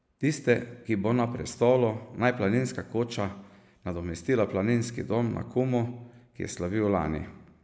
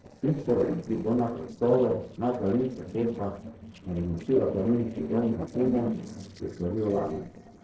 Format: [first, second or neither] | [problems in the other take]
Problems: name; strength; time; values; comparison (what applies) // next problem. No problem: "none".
first | noise reduction (neural separator model SepFormer DNS4)